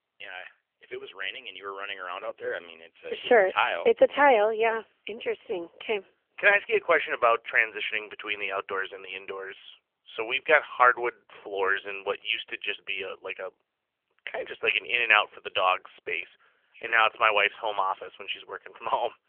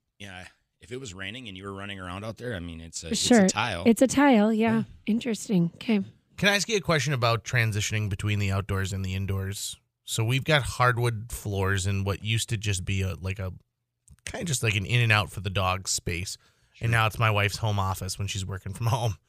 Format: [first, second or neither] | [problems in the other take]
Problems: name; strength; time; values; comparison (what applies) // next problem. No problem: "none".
second | phone-call audio; nothing above 3 kHz